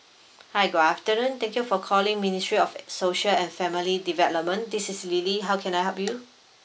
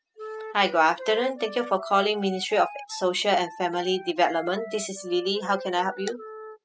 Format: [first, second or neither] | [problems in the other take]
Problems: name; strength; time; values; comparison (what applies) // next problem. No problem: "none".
first | noise reduction (classical method spectral subtraction)